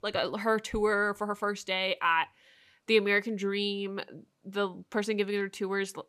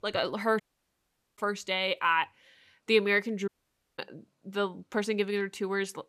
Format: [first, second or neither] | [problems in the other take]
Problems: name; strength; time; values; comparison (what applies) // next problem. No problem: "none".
first | audio cutting out; at 0.5 s for 1 s and at 3.5 s for 0.5 s